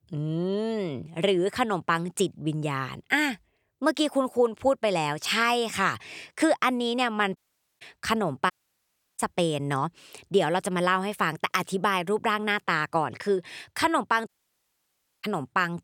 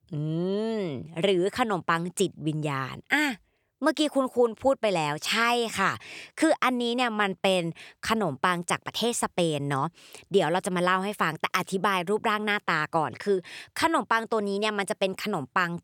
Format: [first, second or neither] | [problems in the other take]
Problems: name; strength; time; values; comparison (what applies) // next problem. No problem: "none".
second | audio cutting out; at 7.5 s, at 8.5 s for 0.5 s and at 14 s for 1 s